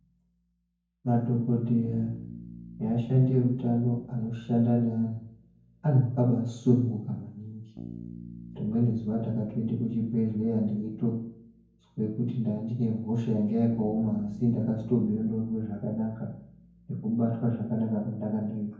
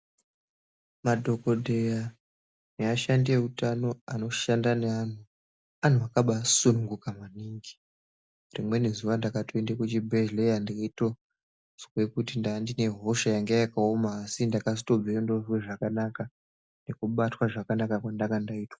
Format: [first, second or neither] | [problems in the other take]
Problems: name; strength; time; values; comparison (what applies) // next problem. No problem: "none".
second | background sound (Bass guitar); 20 dB below the speech // room echo; dies away in 0.9 s